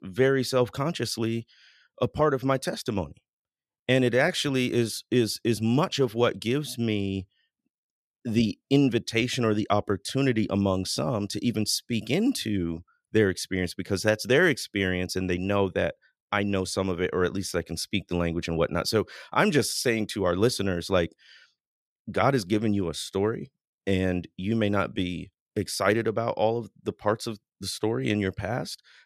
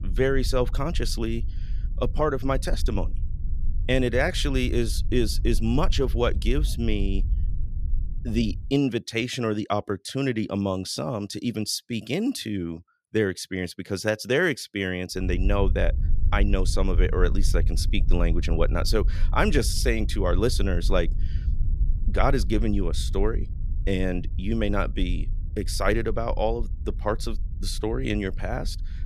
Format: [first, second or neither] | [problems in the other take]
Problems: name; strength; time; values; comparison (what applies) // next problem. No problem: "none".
first | low rumble; faint; until 8.5 s and from 15 s on; 20 dB below the speech